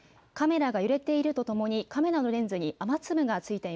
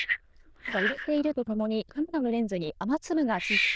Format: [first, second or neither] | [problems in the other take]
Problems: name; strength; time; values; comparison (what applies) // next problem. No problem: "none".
first | noise reduction (neural diffusion model UNIVERSE++)